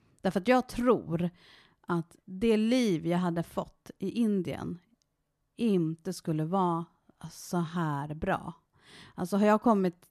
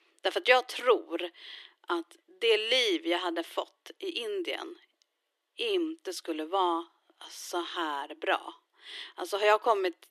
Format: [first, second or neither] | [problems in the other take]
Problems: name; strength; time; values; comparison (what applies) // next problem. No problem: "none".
first | thin; very; fading below 300 Hz